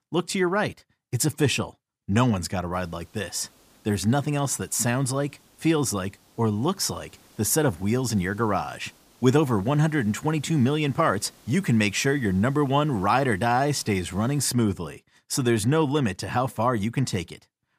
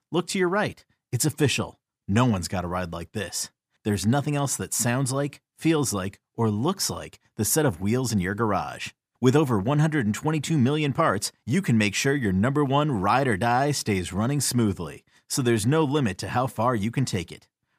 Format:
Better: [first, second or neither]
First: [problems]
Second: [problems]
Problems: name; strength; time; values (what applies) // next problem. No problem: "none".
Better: second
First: hiss; faint; from 2.5 to 14 s; 30 dB below the speech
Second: none